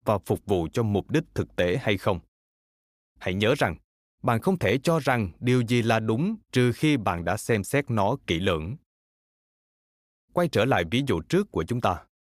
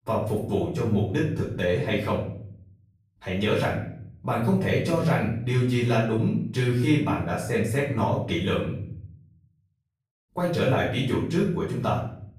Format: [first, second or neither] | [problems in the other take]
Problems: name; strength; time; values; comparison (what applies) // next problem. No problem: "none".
first | off-mic speech; far // room echo; noticeable; dies away in 0.6 s